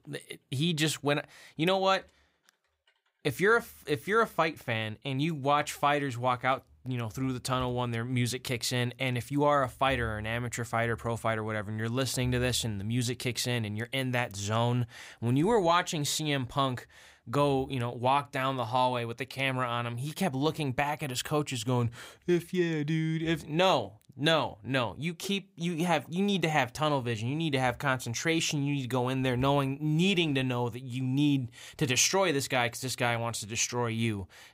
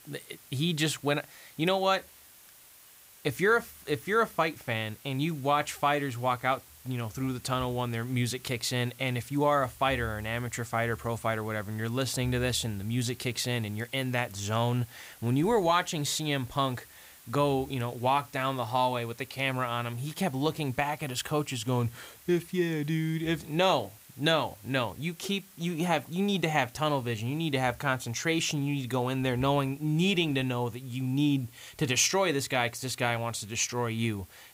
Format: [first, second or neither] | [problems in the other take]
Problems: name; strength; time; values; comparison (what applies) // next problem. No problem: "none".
first | hiss; faint; throughout; 20 dB below the speech